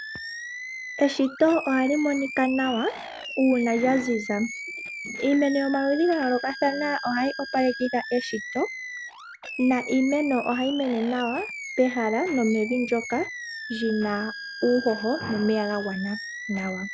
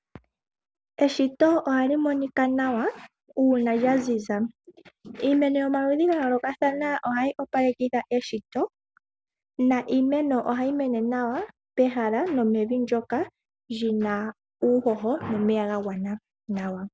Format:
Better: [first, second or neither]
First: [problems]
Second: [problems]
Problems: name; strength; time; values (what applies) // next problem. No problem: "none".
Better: second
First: background sound (Animal); 11 dB below the speech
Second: none